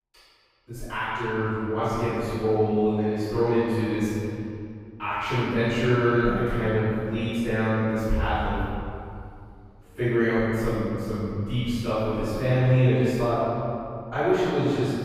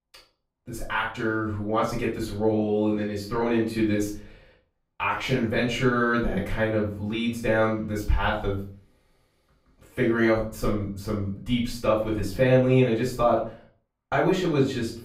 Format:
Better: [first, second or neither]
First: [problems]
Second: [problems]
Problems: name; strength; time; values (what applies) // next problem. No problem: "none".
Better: second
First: room echo; strong; dies away in 2.4 s // off-mic speech; far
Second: room echo; slight; dies away in 0.4 s // off-mic speech; far